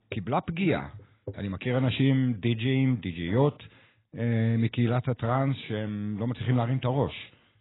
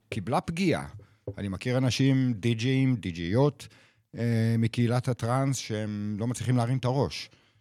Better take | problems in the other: second | garbled, watery; badly; nothing above 4 kHz

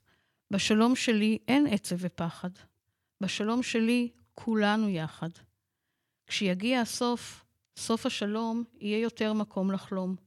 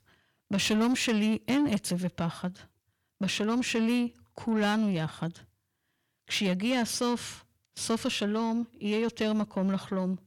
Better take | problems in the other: first | distortion; slight; 10 dB below the speech

